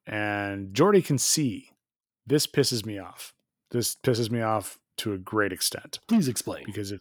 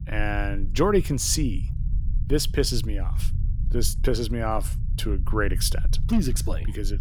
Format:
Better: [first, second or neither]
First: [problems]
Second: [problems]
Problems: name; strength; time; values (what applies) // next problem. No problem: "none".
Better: first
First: none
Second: low rumble; noticeable; throughout; 20 dB below the speech